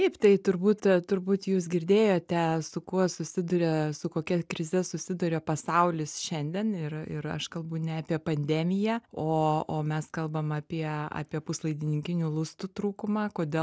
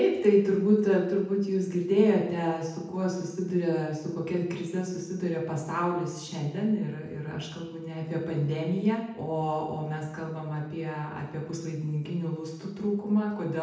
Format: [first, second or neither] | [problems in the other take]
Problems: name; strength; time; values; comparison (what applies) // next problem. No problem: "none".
first | room echo; dies away in 0.8 s